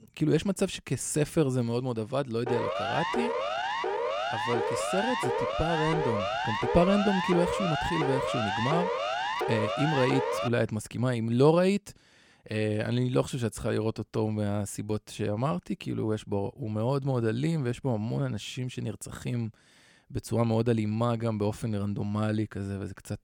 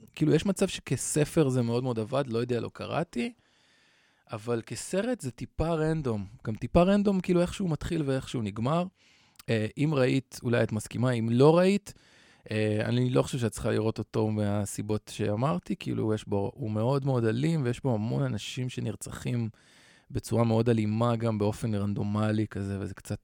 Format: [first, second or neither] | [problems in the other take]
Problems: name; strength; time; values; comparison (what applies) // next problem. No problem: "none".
second | siren; loud; from 2.5 to 10 s; peak level with the speech